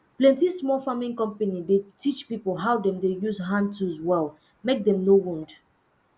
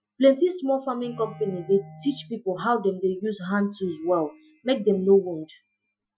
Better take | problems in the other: first | noise reduction (classical method Wiener filter)

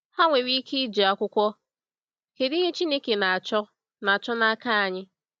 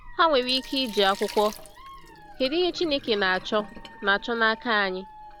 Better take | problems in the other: first | background sound (Alarm / Dog + Sink (filling or washing)); 16 dB below the speech

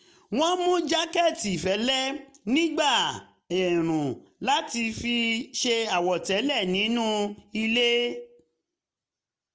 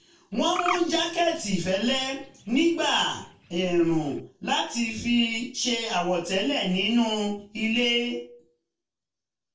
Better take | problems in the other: first | noise reduction (neural separator model SepFormer DNS4)

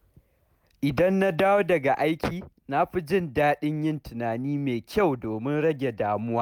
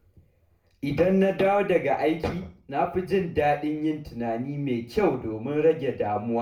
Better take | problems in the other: first | room echo; dies away in 0.4 s

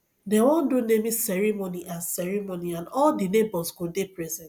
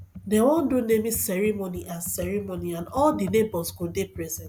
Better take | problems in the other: first | background sound (Computer keyboard); 15 dB below the speech

